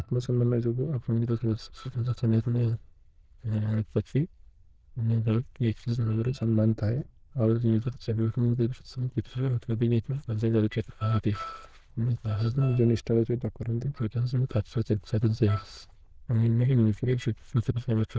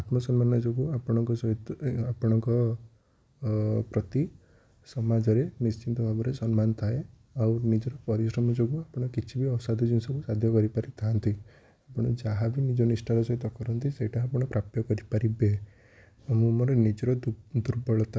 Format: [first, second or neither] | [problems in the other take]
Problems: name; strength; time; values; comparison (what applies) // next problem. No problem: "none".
second | noise reduction (neural diffusion model UNIVERSE++)